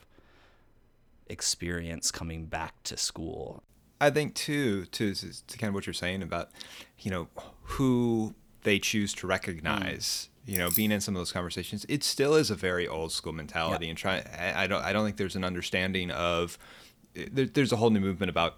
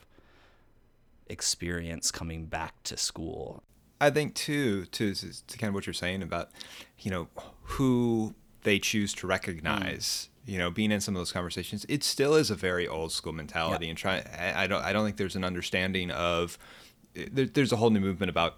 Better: second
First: jangling keys; loud; at 11 s; peak 2 dB above the speech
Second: none

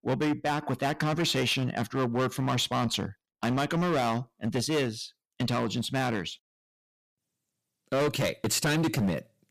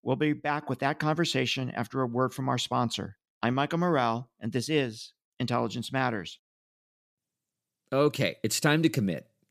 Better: second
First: distortion; heavy; 14% of the sound clipped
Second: none

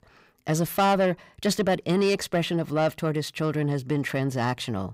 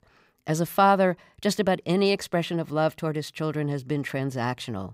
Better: second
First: distortion; slight; 10 dB below the speech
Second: none

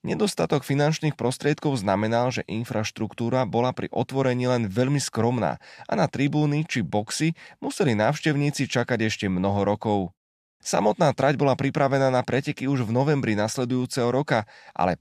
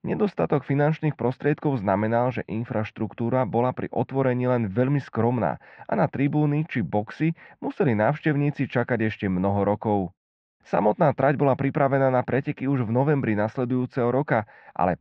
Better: first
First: none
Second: muffled; very; fading above 2 kHz

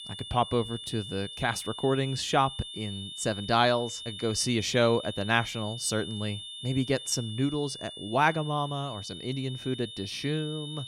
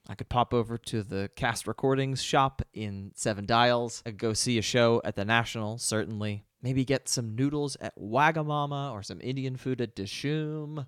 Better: second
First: high-pitched whine; loud; throughout; 3.5 kHz, 10 dB below the speech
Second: none

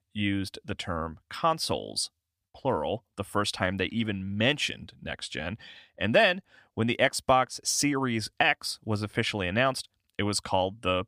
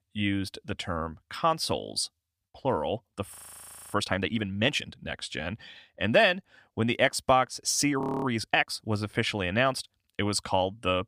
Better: first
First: none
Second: audio freezing; at 3.5 s for 0.5 s and at 8 s

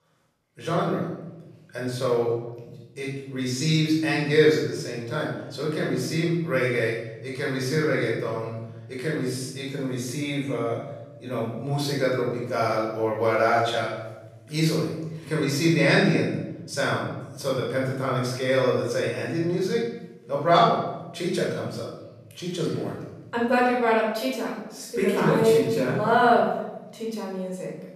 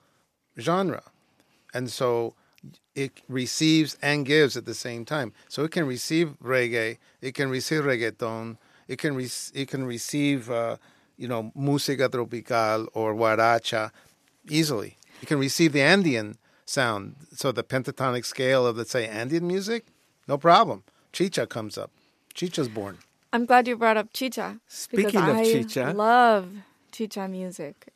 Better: second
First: room echo; noticeable; dies away in 1.1 s // off-mic speech; far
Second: none

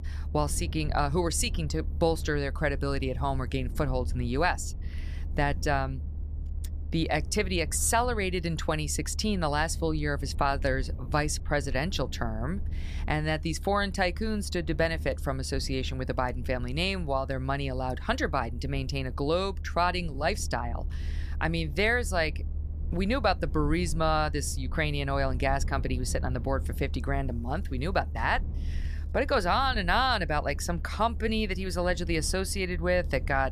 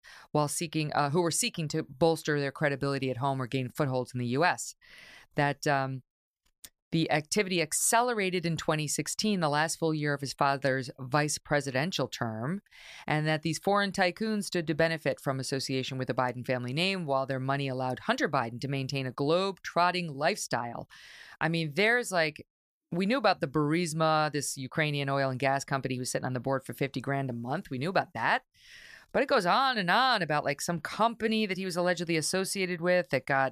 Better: second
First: low rumble; faint; throughout; 25 dB below the speech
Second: none

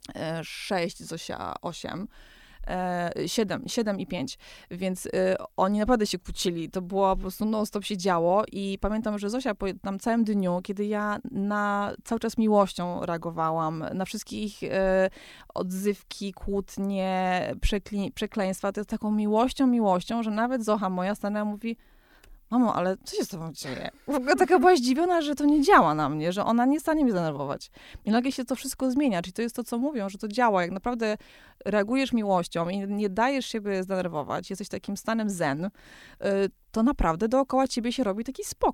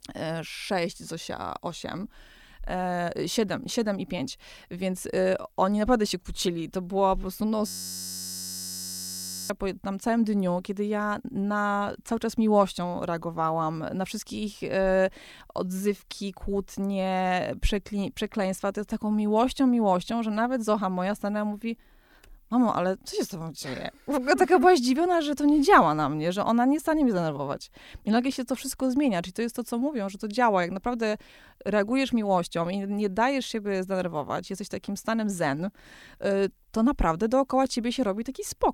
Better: first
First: none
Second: audio freezing; at 7.5 s for 2 s

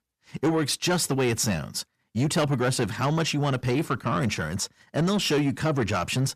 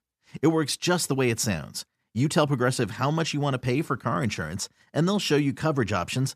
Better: second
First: distortion; slight; 10 dB below the speech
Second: none

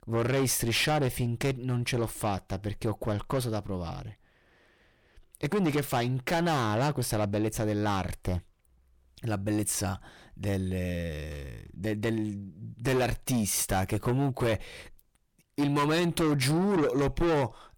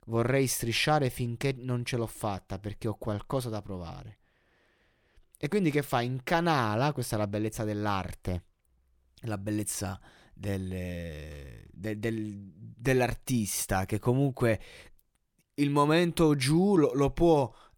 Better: second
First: distortion; heavy; 7 dB below the speech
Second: none

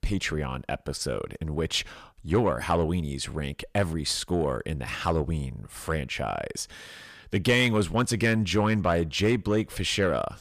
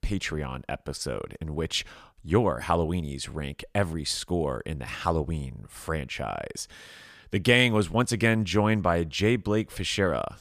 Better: second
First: distortion; slight; 10 dB below the speech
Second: none

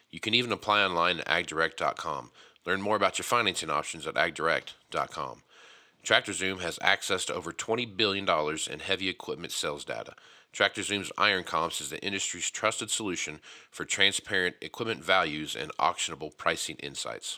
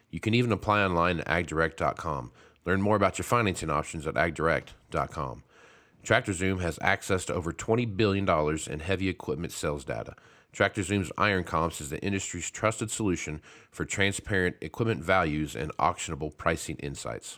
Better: second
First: thin; somewhat; fading below 550 Hz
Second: none

